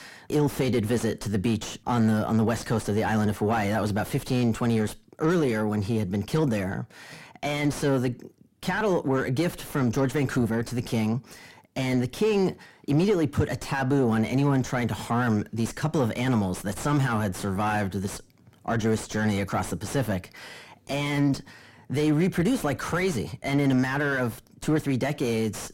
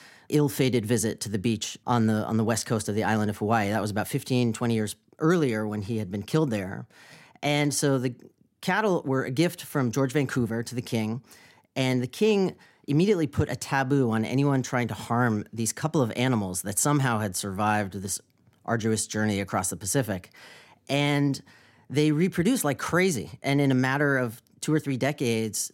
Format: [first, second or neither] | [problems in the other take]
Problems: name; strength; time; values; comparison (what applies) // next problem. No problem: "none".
second | distortion; heavy; 6 dB below the speech